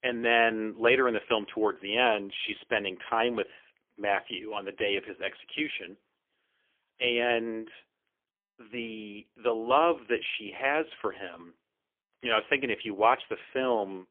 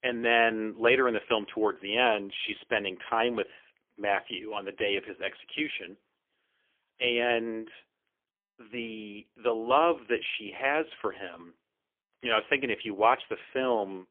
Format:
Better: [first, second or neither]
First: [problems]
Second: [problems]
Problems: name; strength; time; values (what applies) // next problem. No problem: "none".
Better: neither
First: phone-call audio; poor line; nothing above 3.5 kHz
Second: phone-call audio; poor line; nothing above 3.5 kHz